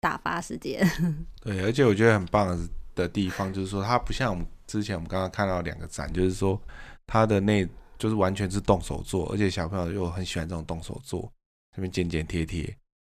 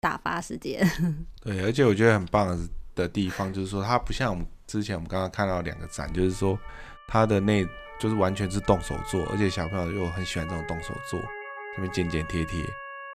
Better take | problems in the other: first | siren; noticeable; from 5.5 s on; peak 9 dB below the speech

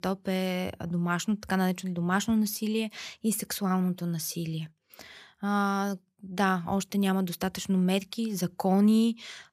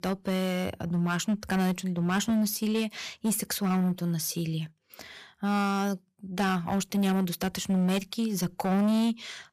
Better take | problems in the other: first | distortion; slight; 11% of the sound clipped

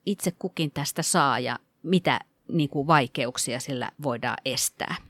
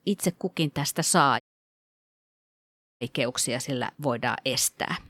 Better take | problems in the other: first | audio cutting out; at 1.5 s for 1.5 s

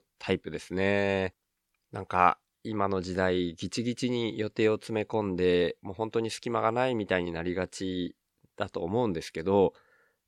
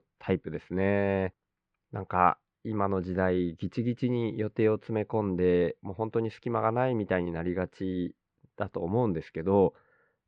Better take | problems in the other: first | muffled; very; fading above 2 kHz

